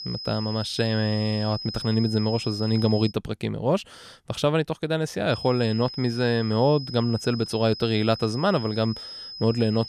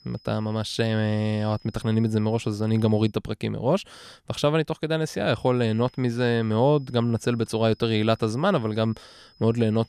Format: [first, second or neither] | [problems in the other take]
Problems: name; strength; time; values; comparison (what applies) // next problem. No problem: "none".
second | high-pitched whine; loud; until 3 s and from 5.5 s on; 5 kHz, 10 dB below the speech; faint in the second